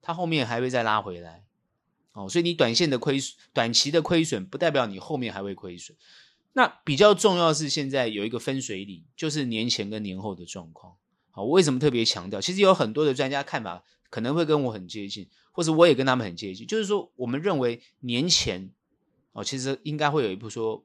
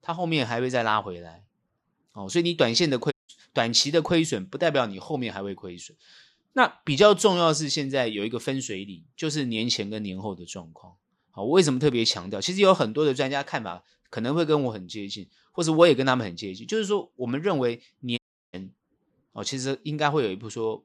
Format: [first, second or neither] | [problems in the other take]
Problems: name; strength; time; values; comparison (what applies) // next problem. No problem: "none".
first | audio cutting out; at 3 s and at 18 s